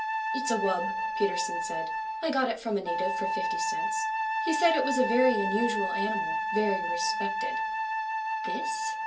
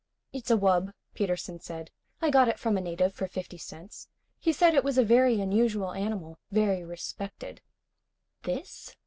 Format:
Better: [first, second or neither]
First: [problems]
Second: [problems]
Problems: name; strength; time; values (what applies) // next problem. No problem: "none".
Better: second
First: background sound (Wind instrument, woodwind instrument); 1 dB above the speech // room echo; dies away in 0.3 s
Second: none